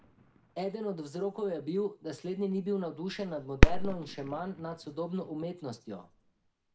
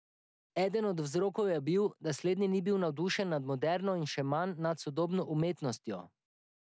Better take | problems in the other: second | background sound (Fireworks); 5 dB above the speech // room echo; dies away in 0.4 s

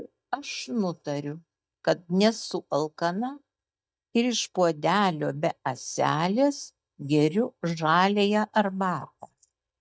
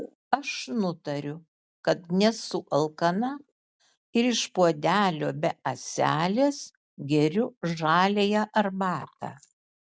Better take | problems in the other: second | noise reduction (neural mask model DeepFilterNet 3)

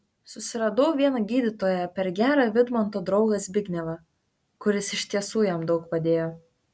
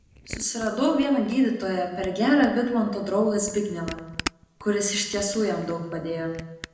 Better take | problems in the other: first | background sound (Camera); 17 dB below the speech // room echo; dies away in 0.8 s

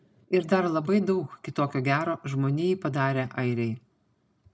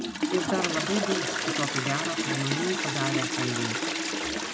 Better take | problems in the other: first | background sound (Toilet flush); 2 dB above the speech

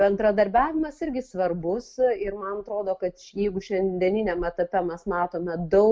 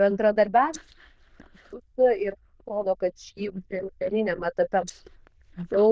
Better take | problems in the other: first | noise reduction (neural diffusion model UNIVERSE++)

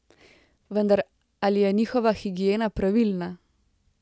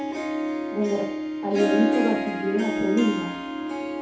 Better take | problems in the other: first | background sound (Harp); as loud as the speech // room echo; dies away in 0.5 s

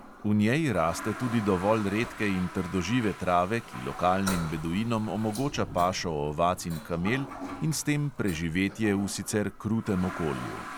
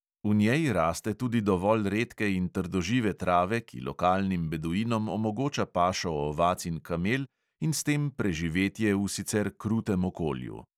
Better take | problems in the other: second | background sound (Toilet flush); 13 dB below the speech

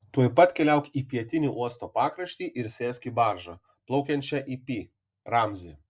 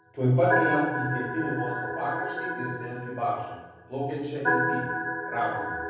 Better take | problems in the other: first | background sound (Organ); 1 dB below the speech // room echo; dies away in 1.1 s

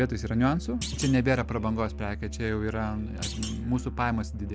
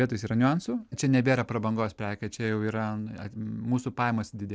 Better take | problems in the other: second | background sound (Musical instrument + Thump, thud); 7 dB below the speech

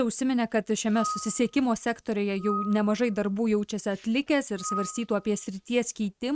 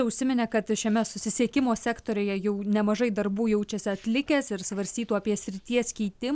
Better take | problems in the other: second | noise reduction (neural mask model RNNoise)

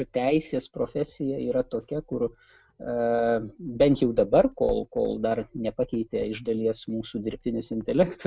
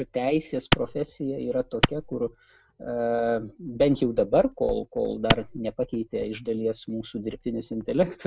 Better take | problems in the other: first | background sound (Clapping); 3 dB above the speech

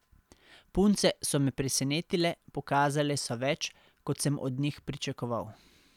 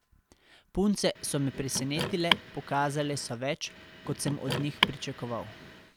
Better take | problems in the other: first | background sound (Car); 3 dB below the speech

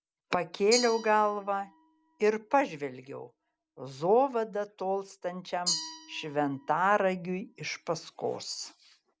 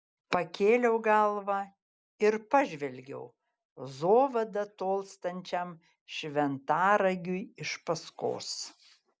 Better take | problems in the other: second | background sound (Glass); 12 dB below the speech

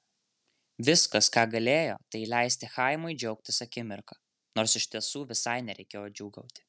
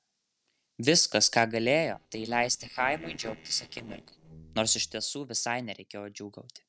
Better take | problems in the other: first | noise reduction (neural separator model SepFormer DNS4)

